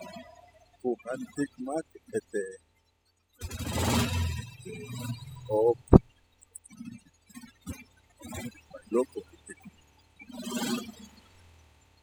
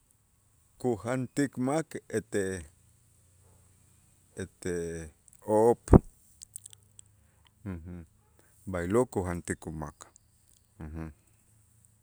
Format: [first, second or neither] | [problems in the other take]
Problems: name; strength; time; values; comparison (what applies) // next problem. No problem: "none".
second | noise reduction (classical method spectral subtraction)